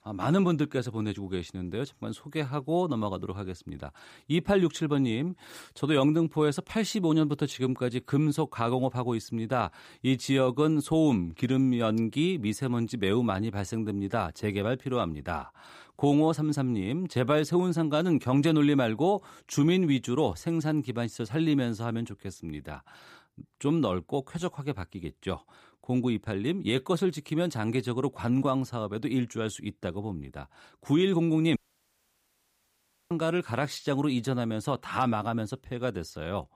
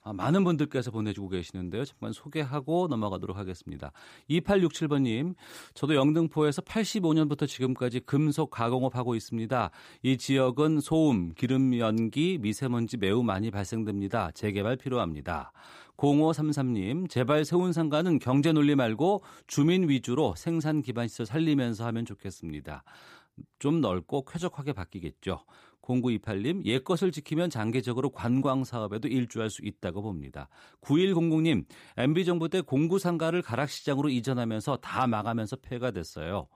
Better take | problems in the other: second | audio cutting out; at 32 s for 1.5 s

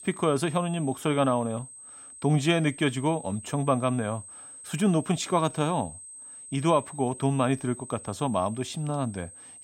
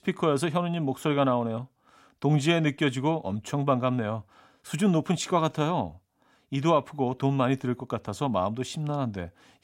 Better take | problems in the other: second | high-pitched whine; noticeable; throughout; 8.5 kHz, 15 dB below the speech

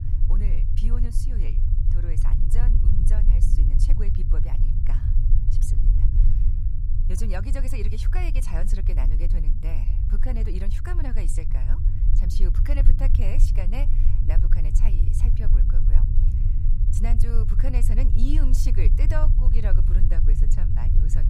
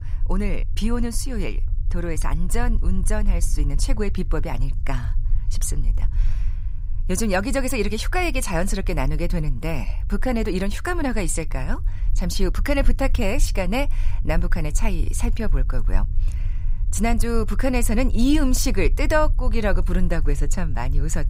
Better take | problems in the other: second | low rumble; loud; throughout; 3 dB below the speech; faint in the second

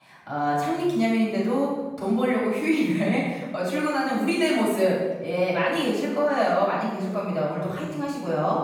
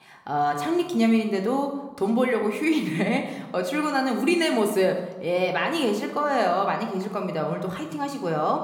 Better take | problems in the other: second | room echo; strong; dies away in 1.2 s; slight in the second // off-mic speech; far

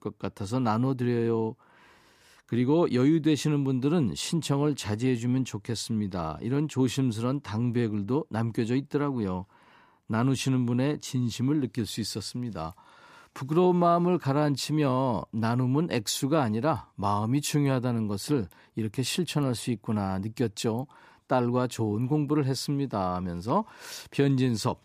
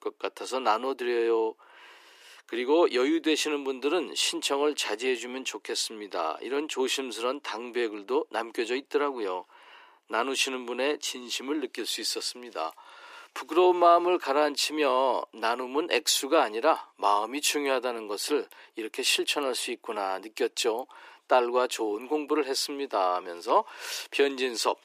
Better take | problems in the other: first | thin; very; fading below 350 Hz

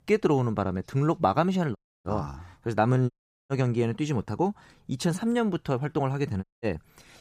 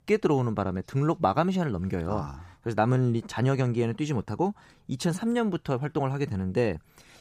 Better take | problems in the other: second | audio cutting out; at 2 s, at 3 s and at 6.5 s

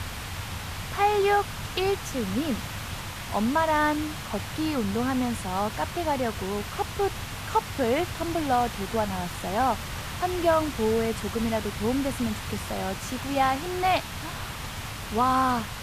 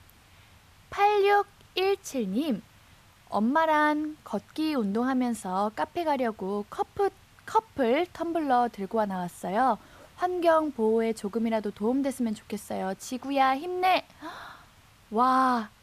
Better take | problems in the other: second | hiss; loud; throughout; 7 dB below the speech; faint in the second

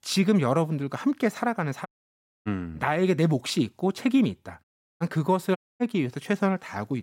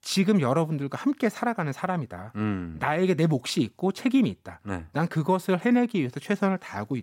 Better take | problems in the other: second | audio cutting out; at 2 s for 0.5 s, at 4.5 s and at 5.5 s

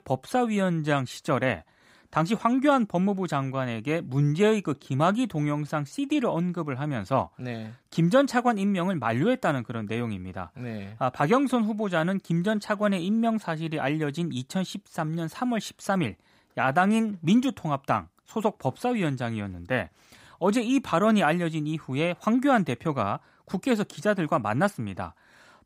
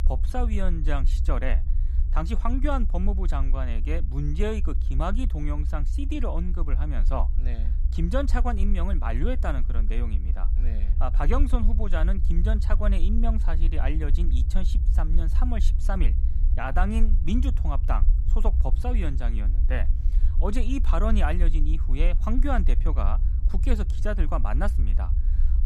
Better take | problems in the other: first | low rumble; noticeable; throughout; 15 dB below the speech

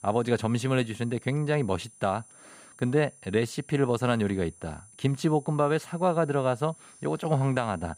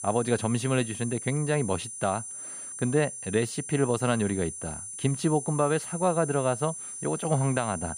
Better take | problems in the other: first | high-pitched whine; loud; throughout; 9.5 kHz, 8 dB below the speech; faint in the first

